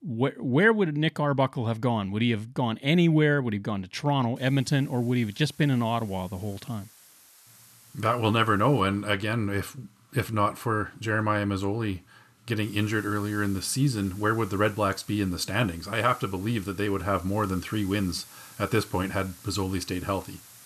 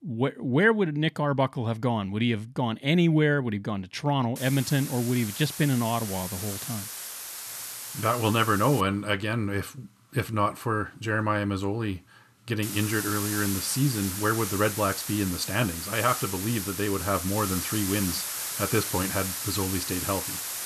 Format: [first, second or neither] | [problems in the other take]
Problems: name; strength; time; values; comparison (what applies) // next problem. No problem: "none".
first | hiss; loud; from 4.5 to 9 s and from 13 s on; 5 dB below the speech; faint in the first